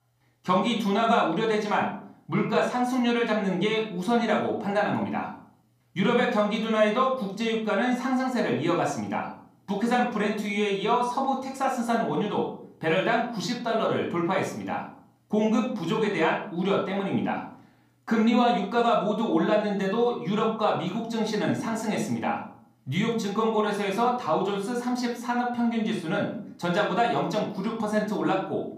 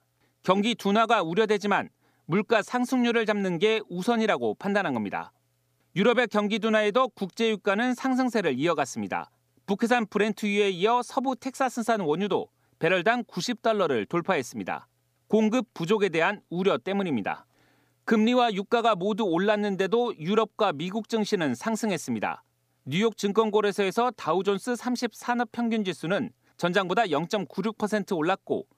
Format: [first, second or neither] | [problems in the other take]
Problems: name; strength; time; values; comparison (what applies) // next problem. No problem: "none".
second | off-mic speech; somewhat distant // room echo; slight; dies away in 0.5 s